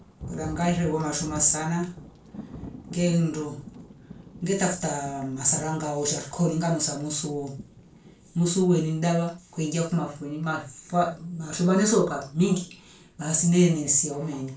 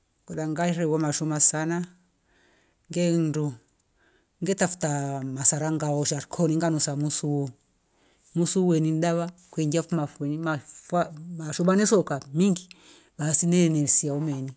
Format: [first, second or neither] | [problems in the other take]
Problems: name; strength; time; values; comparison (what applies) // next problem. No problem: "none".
second | background sound (Thunder / Rain); 19 dB below the speech // room echo; dies away in 0.3 s